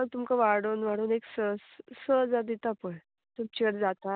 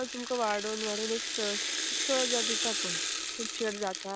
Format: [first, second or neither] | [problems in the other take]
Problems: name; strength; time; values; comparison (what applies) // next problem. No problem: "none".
first | background sound (Rattle (instrument)); 1 dB above the speech